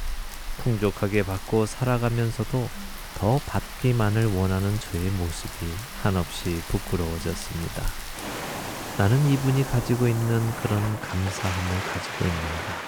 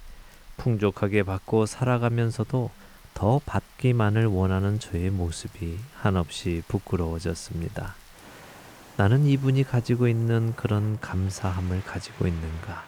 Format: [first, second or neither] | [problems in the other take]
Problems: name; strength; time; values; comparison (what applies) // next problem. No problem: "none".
second | rain or running water; loud; throughout; 8 dB below the speech; faint in the second